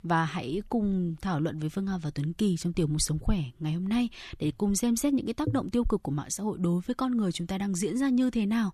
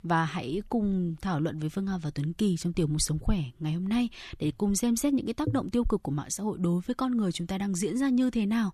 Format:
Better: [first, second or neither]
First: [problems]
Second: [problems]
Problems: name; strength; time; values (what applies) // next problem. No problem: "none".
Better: neither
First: none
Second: none